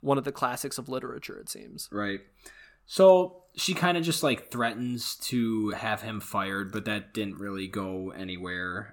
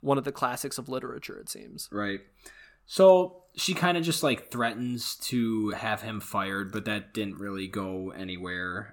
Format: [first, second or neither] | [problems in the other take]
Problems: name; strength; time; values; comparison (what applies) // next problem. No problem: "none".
neither | none